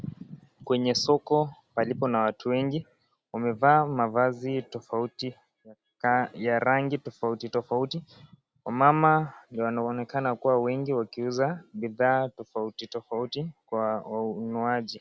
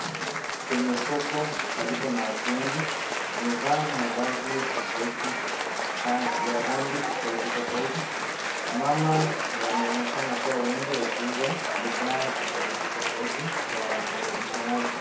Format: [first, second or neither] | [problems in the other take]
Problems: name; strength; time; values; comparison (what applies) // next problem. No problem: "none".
first | background sound (Applause / Cheering); 1 dB above the speech // room echo; dies away in 0.6 s